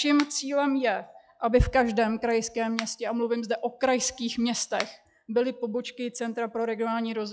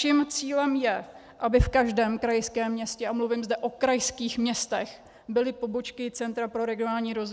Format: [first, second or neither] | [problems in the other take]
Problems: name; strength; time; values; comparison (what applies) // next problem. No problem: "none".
second | noise reduction (classical method log-MMSE)